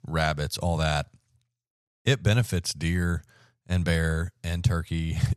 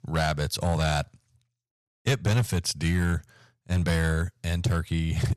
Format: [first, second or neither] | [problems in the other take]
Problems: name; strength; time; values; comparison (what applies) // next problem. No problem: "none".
first | distortion; slight; 6% of the sound clipped